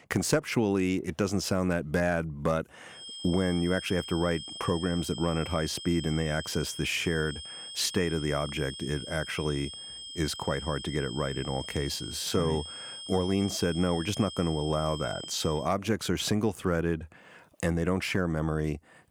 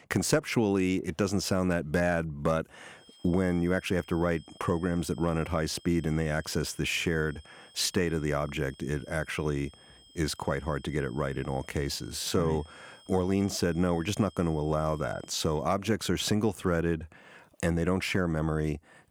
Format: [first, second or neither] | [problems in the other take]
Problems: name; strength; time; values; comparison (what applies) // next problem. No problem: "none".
second | high-pitched whine; loud; from 3 to 16 s; 3 kHz, 9 dB below the speech; faint in the second